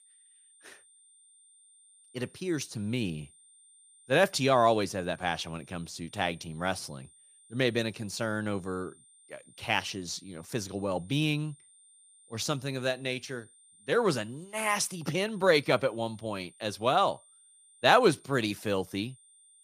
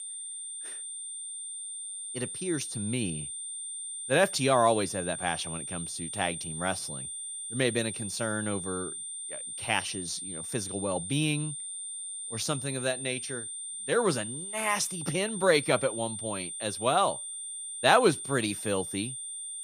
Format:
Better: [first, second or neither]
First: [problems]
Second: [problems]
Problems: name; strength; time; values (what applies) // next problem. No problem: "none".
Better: first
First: high-pitched whine; faint; throughout; 9 kHz, 25 dB below the speech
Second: high-pitched whine; loud; throughout; 9 kHz, 6 dB below the speech